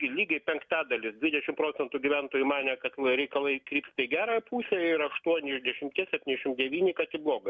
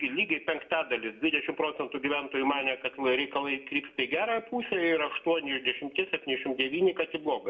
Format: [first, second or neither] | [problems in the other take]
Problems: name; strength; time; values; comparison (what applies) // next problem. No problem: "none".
first | room echo; dies away in 0.4 s